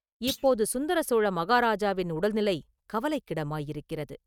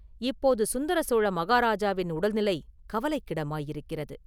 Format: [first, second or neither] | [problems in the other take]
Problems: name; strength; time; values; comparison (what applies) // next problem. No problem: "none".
second | noise reduction (neural mask model RNNoise)